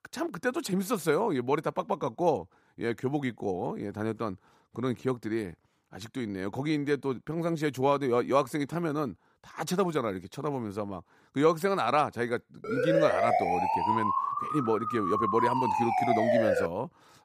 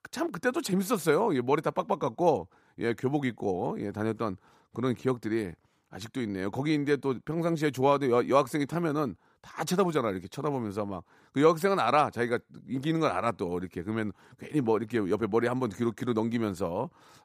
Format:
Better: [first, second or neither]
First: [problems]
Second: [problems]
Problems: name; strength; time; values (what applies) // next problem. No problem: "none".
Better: second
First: siren; loud; from 13 to 17 s; peak 5 dB above the speech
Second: none